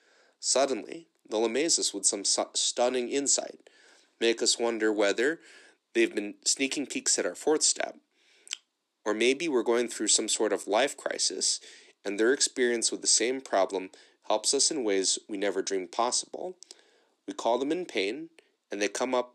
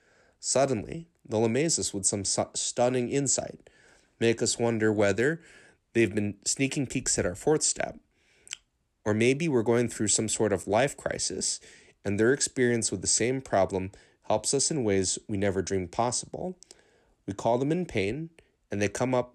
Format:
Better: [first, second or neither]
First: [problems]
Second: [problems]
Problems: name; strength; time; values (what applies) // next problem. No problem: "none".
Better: second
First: thin; very slightly; fading below 300 Hz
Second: none